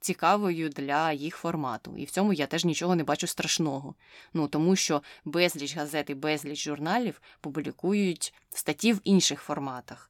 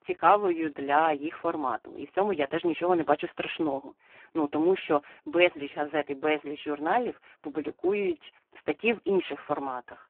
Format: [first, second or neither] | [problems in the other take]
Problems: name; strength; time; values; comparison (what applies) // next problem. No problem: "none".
first | phone-call audio; poor line